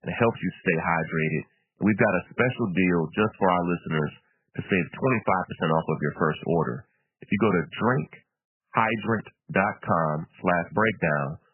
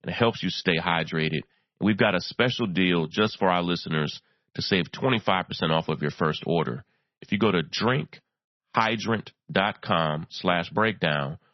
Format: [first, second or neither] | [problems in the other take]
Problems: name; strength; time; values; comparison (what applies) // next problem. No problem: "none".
second | garbled, watery; badly; nothing above 3 kHz; slightly in the second